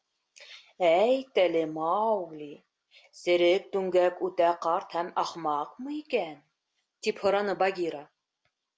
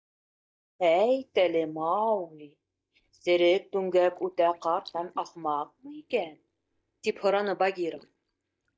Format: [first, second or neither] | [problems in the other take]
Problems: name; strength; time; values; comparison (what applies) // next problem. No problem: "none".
first | noise reduction (neural mask model DeepFilterNet 3)